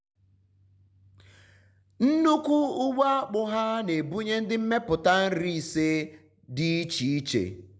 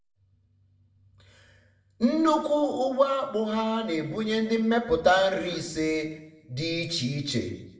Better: first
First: none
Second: background sound (Cough); 20 dB below the speech // room echo; dies away in 0.6 s

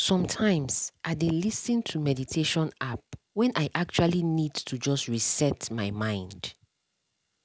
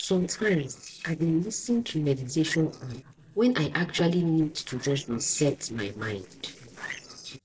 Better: first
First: none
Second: noise reduction (neural separator model SepFormer DNS4)

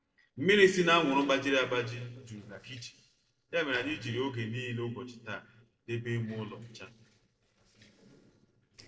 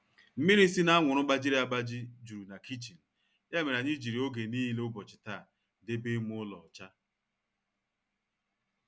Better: second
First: noise reduction (neural separator model SepFormer DNS4)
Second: none

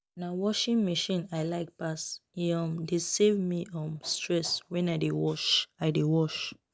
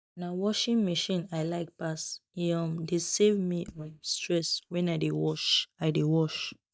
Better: first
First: none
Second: noise reduction (neural mask model DeepFilterNet 3)

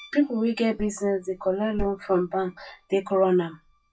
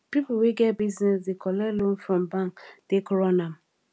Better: second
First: noise reduction (classical method WPE with log-MMSE)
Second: none

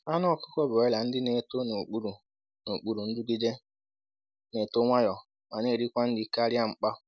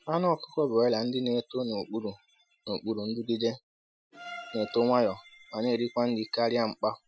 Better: first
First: none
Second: noise reduction (classical method Wiener filter)

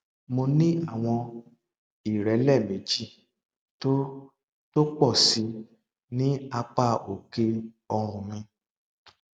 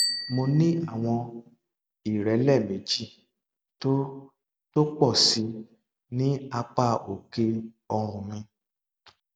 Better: first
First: none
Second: background sound (Bicycle bell); 14 dB below the speech

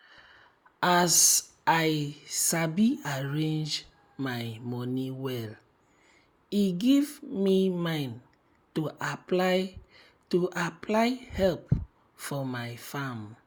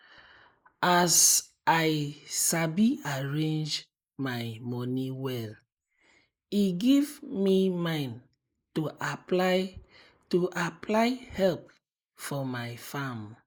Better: first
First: none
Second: noise reduction (neural mask model Resemble Enhance denoiser)

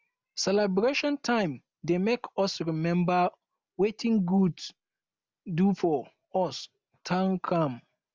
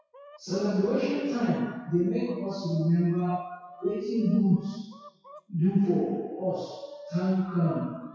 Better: first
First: none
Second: noise reduction (classical method WPE with log-MMSE)

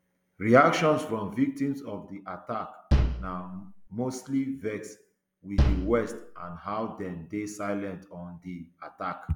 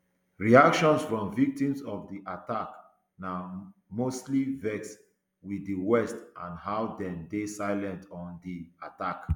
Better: second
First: background sound (Bass drum); 3 dB above the speech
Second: none

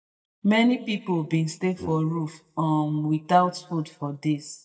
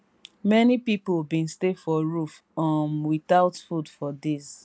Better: second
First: noise reduction (neural mask model DeepFilterNet 3)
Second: none

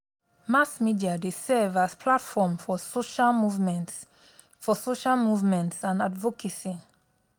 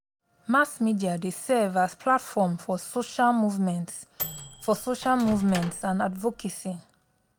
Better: first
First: none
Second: background sound (Microwave oven); 13 dB below the speech

